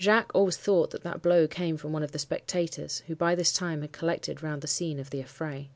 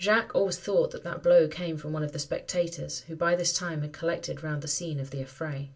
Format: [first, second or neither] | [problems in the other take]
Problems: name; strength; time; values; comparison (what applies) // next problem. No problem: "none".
first | room echo; dies away in 0.2 s